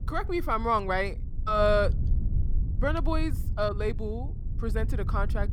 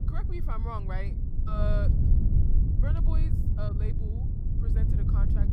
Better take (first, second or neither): first